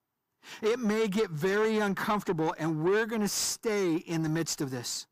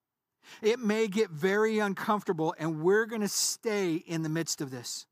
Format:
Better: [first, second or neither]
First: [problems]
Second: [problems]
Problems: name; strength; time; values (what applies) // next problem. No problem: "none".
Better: second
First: distortion; slight; 9 dB below the speech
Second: none